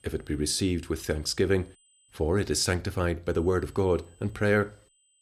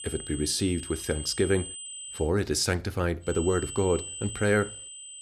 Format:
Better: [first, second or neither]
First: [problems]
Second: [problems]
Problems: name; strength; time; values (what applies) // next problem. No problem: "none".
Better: first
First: high-pitched whine; faint; until 2.5 s and from 3.5 s on; 8 kHz, 35 dB below the speech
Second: high-pitched whine; loud; until 2.5 s and from 3.5 s on; 8 kHz, 9 dB below the speech